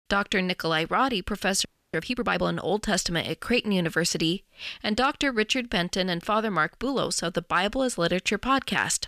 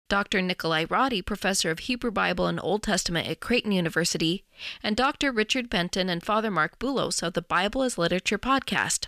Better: second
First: audio freezing; at 1.5 s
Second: none

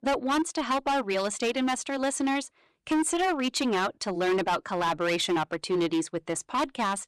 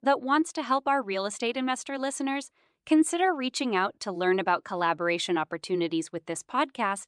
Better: second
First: distortion; heavy; 15% of the sound clipped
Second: none

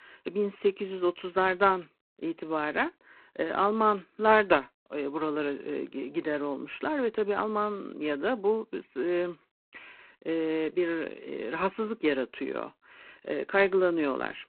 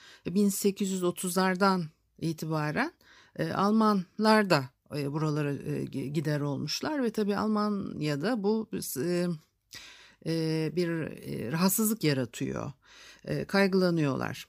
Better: second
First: phone-call audio; poor line; nothing above 4 kHz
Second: none

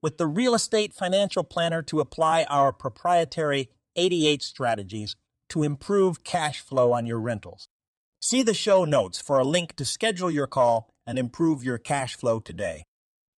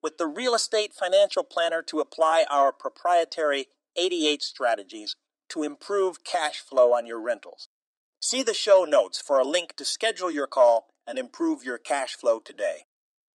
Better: first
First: none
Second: thin; somewhat; fading below 300 Hz

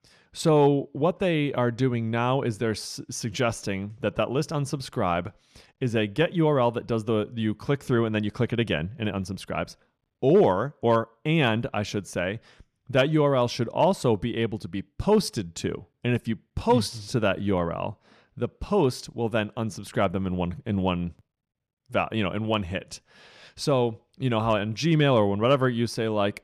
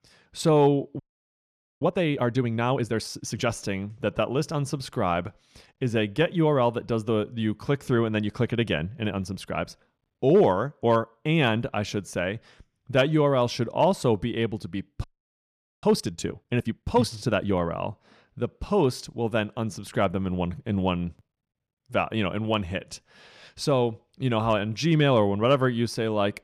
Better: first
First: none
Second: audio freezing; at 1 s for 1 s and at 15 s for 1 s

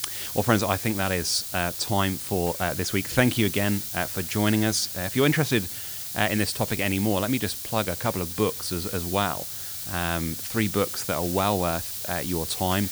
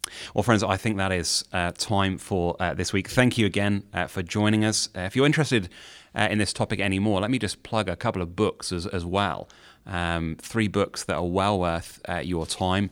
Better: second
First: hiss; loud; throughout; 5 dB below the speech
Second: none

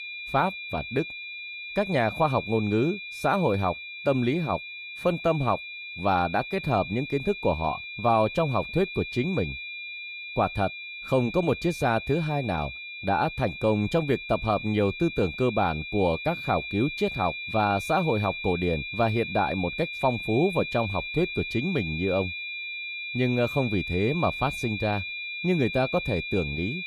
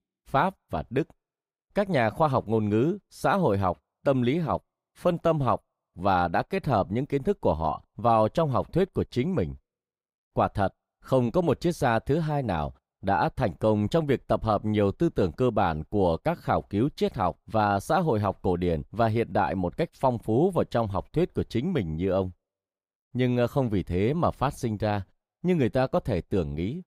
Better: second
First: high-pitched whine; loud; throughout; 2.5 kHz, 7 dB below the speech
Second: none

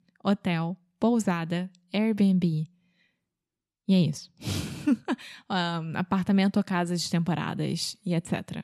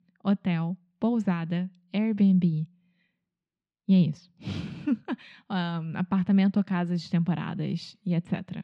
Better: first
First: none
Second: muffled; very slightly; fading above 3 kHz

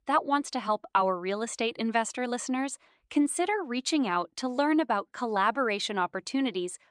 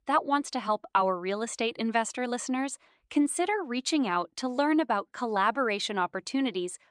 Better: neither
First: none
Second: none

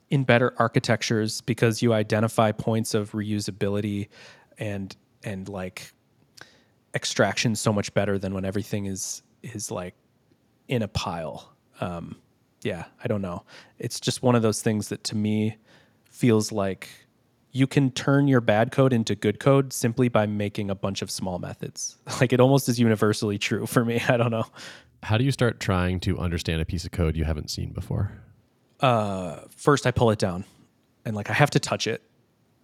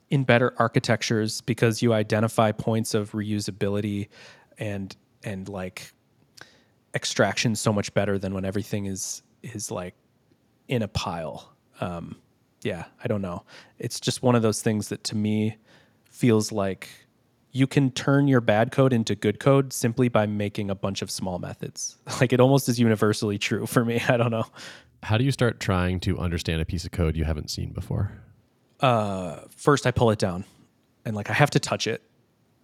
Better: neither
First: none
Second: none

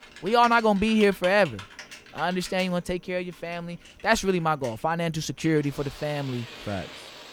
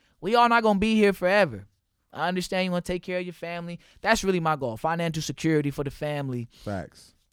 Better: second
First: household noises; noticeable; throughout; 15 dB below the speech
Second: none

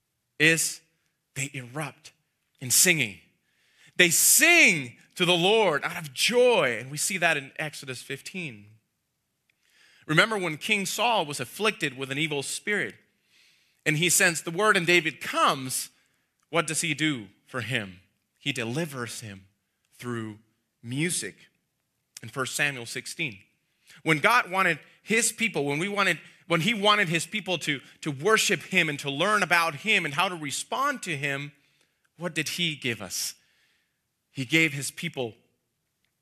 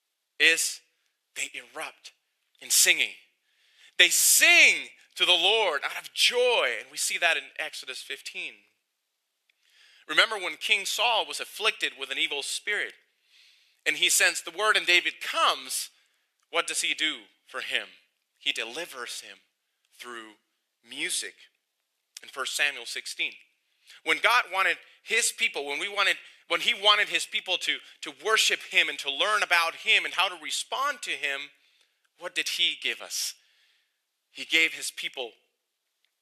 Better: first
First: none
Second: thin; very; fading below 450 Hz

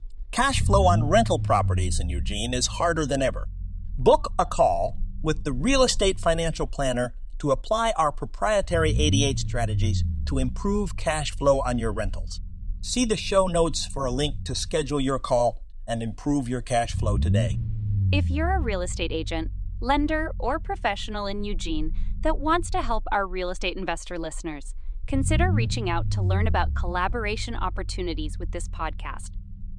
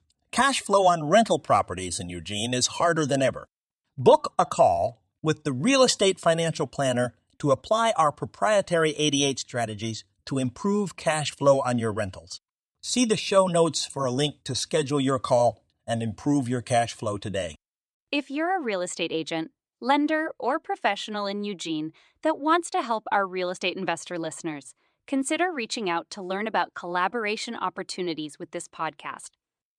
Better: second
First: low rumble; noticeable; throughout; 20 dB below the speech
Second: none

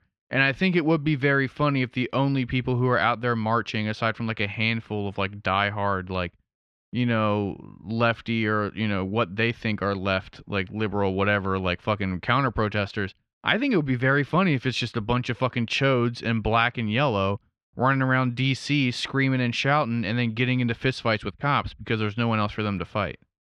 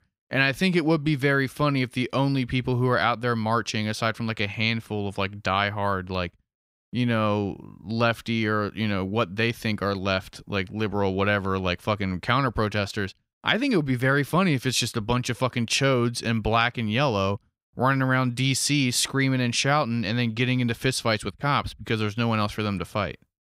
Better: second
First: muffled; slightly; fading above 3 kHz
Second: none

